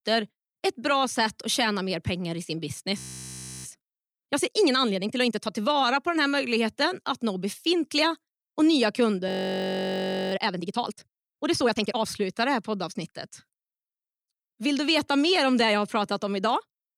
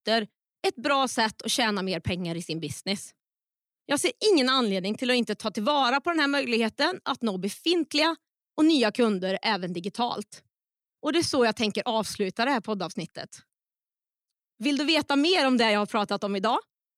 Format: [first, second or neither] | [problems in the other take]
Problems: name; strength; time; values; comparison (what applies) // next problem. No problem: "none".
second | audio freezing; at 3 s for 0.5 s and at 9.5 s for 1 s